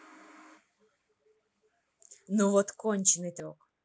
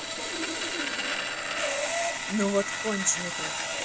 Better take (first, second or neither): first